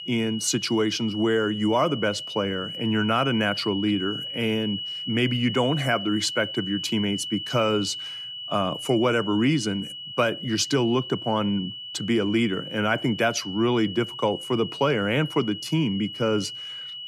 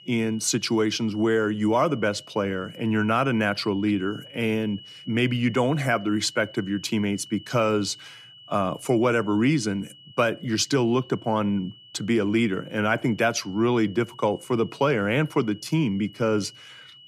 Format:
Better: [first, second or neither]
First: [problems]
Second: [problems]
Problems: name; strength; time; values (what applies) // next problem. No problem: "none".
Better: second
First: high-pitched whine; loud; throughout; 3 kHz, 8 dB below the speech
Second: high-pitched whine; faint; throughout; 3 kHz, 20 dB below the speech